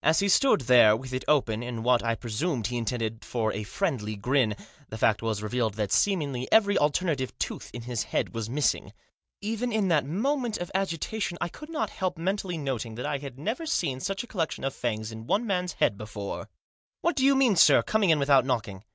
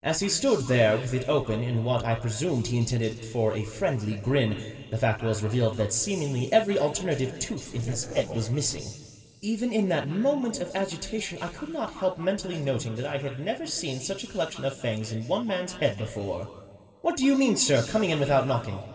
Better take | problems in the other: first | noise reduction (neural separator model SepFormer DNS4)

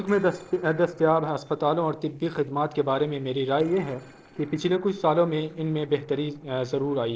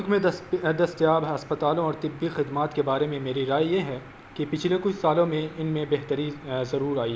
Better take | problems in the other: second | noise reduction (neural separator model SepFormer DNS4)

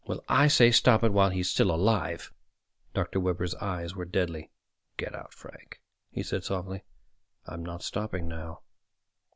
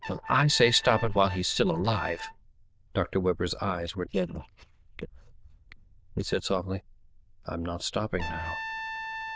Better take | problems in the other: first | noise reduction (neural diffusion model UNIVERSE++)

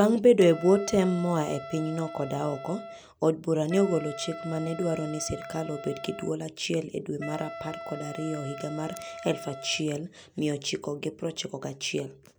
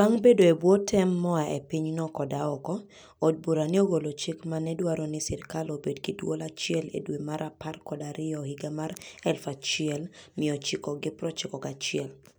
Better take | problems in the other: second | background sound (Wind instrument, woodwind instrument); 13 dB below the speech

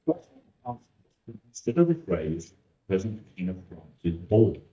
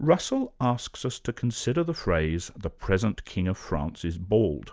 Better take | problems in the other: second | noise reduction (neural mask model DeepFilterNet 3)

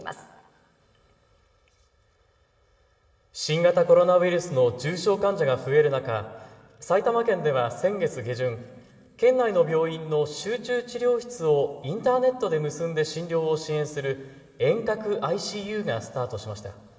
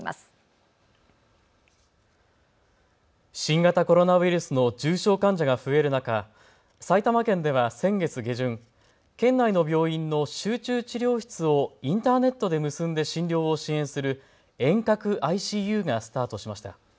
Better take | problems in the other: second | room echo; dies away in 2.6 s

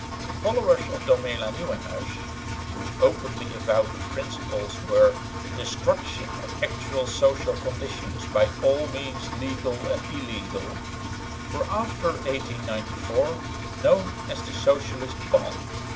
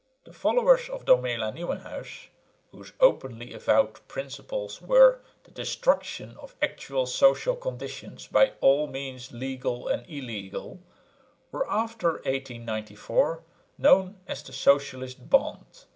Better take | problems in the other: second | background sound (Engine); 6 dB below the speech

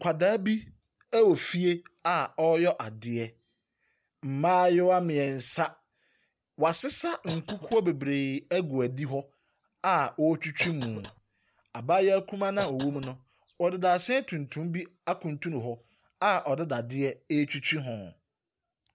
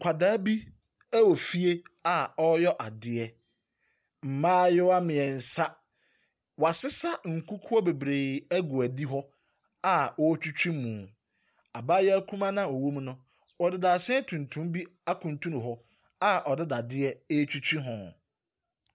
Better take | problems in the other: second | background sound (Cough); 17 dB below the speech

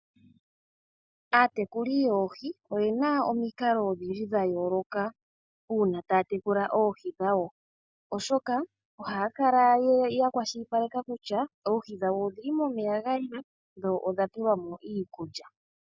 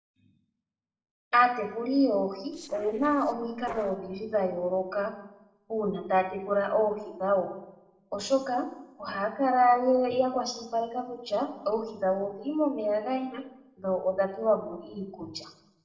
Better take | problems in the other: first | noise reduction (neural separator model SepFormer DNS4)

